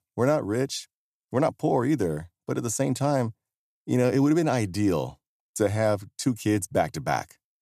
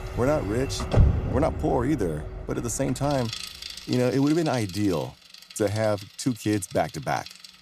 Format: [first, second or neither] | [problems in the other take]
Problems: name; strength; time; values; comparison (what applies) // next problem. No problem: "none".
first | traffic noise; loud; throughout; 5 dB below the speech